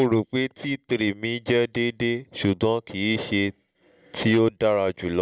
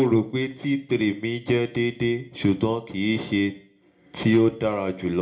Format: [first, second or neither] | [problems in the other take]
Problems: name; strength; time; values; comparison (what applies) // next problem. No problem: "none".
first | room echo; dies away in 0.4 s